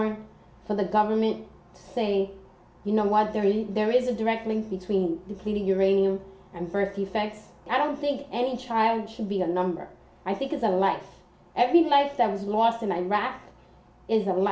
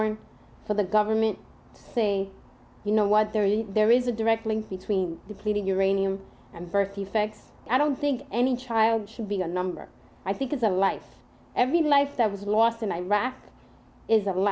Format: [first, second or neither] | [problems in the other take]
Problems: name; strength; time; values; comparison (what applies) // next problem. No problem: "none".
second | room echo; dies away in 0.4 s